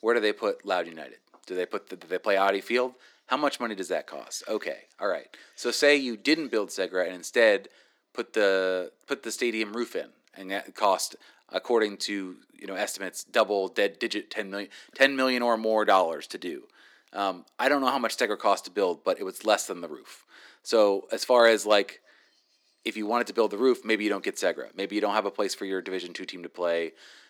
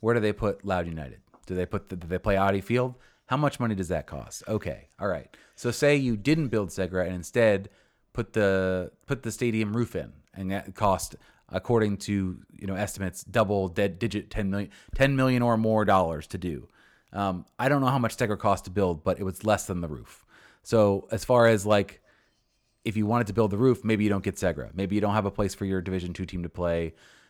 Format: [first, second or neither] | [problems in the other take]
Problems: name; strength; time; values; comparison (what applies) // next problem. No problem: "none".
second | thin; somewhat; fading below 300 Hz